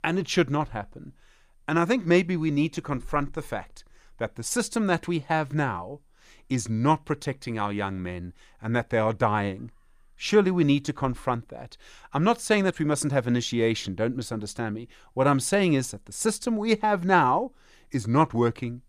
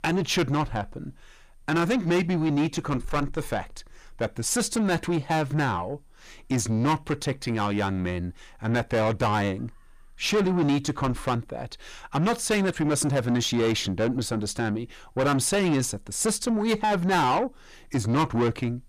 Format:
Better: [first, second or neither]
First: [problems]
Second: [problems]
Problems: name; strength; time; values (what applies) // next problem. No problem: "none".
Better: first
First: none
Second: distortion; heavy; 7 dB below the speech